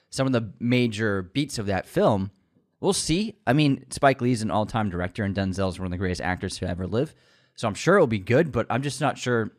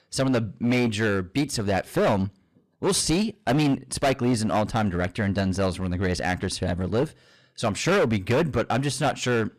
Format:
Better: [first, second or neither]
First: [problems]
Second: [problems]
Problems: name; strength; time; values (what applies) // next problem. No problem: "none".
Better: first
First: none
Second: distortion; heavy; 12% of the sound clipped